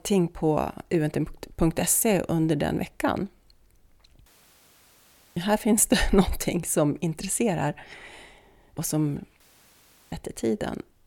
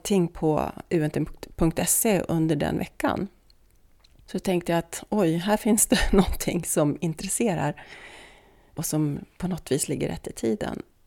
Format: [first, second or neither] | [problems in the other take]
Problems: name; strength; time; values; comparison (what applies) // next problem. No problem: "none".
second | audio cutting out; at 4.5 s for 1 s and at 9.5 s for 0.5 s